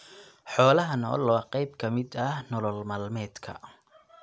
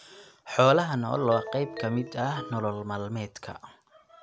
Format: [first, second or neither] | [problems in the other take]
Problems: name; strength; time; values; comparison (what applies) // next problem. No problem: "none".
first | background sound (Ringtone); 13 dB below the speech